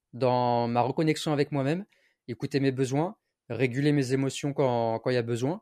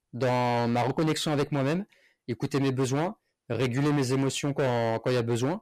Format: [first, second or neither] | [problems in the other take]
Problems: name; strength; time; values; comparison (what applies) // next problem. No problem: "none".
first | distortion; heavy; 22% of the sound clipped